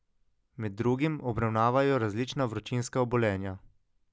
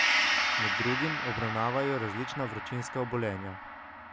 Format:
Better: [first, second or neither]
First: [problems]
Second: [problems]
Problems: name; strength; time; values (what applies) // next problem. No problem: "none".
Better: first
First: none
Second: background sound (Gong); 2 dB above the speech